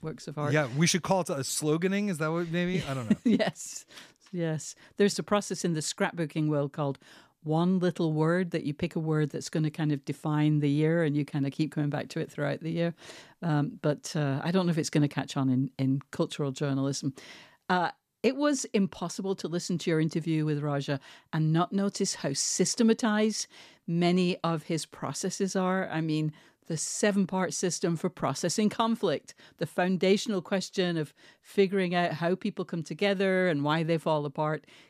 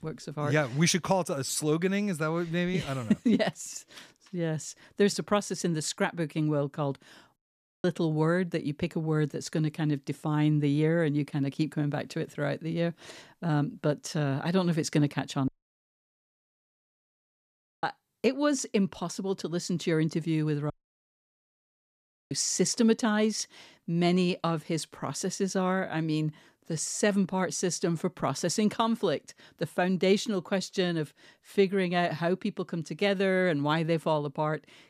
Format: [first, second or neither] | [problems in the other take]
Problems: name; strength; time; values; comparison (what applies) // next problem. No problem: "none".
first | audio cutting out; at 7.5 s, at 15 s for 2.5 s and at 21 s for 1.5 s